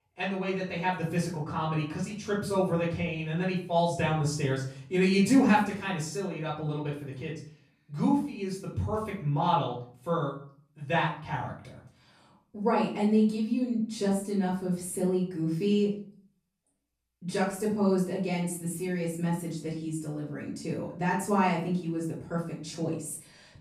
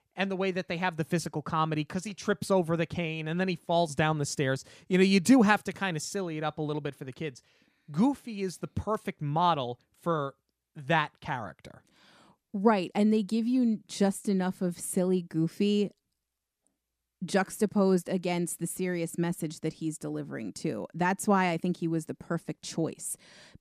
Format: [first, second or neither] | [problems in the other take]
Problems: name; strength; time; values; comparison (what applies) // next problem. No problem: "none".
second | off-mic speech; far // room echo; slight; dies away in 0.4 s